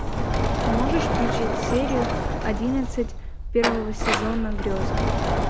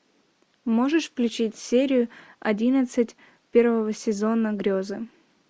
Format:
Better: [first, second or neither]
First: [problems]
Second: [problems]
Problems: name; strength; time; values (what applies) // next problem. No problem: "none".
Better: second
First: background sound (Sliding door); 4 dB above the speech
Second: none